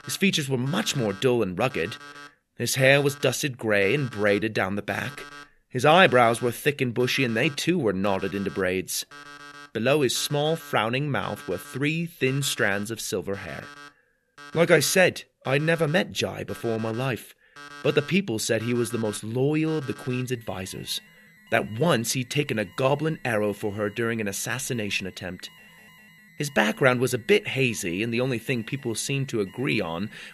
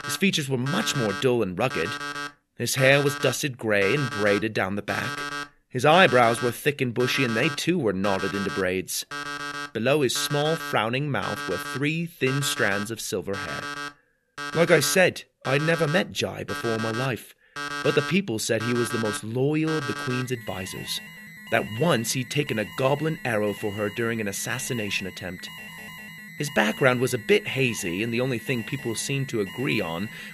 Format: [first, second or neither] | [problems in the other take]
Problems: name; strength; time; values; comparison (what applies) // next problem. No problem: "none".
first | alarms or sirens; loud; throughout; 10 dB below the speech; faint in the first